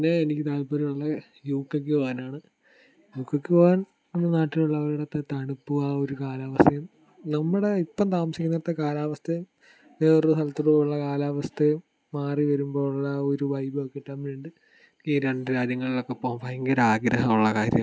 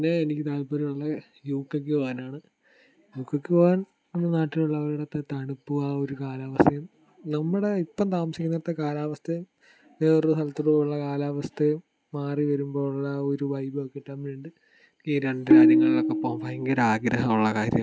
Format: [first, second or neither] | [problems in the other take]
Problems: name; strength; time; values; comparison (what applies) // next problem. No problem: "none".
first | background sound (Tabla); 5 dB above the speech